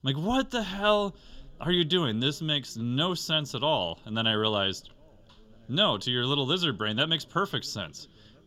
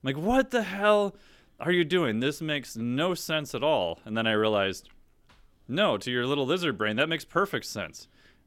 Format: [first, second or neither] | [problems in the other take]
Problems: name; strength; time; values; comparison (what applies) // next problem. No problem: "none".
second | room echo; slight; dies away in 3 s